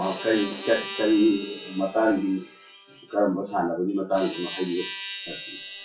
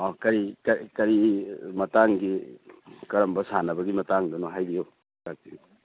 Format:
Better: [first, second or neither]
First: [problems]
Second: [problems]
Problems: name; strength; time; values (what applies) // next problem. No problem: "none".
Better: second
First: noise reduction (classical method WPE with log-MMSE)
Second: none